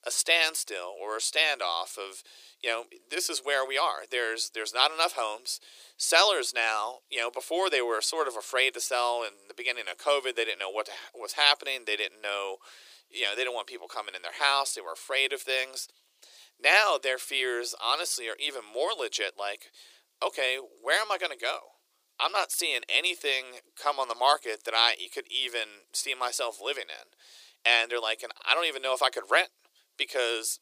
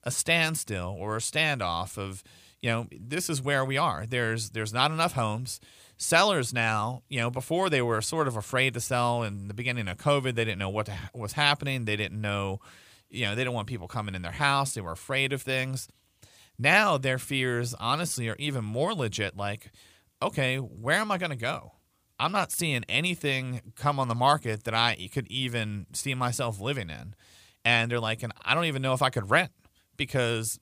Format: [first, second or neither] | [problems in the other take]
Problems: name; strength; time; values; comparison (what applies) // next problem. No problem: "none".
second | thin; very; fading below 350 Hz